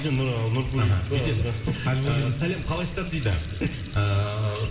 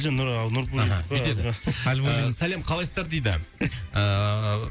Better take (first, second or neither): second